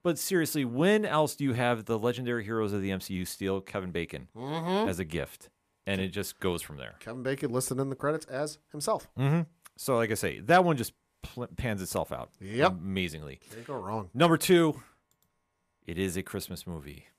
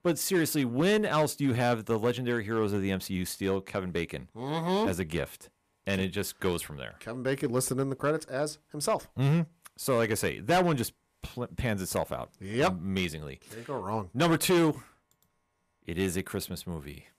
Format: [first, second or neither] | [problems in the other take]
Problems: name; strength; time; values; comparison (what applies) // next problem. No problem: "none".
first | distortion; slight; 4% of the sound clipped